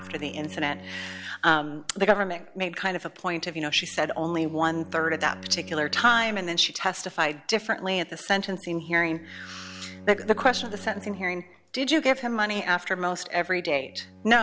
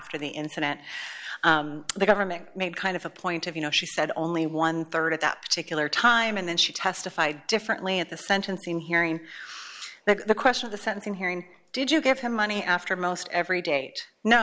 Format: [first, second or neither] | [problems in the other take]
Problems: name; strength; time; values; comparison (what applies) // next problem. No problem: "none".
second | background sound (Bowed string instrument); 20 dB below the speech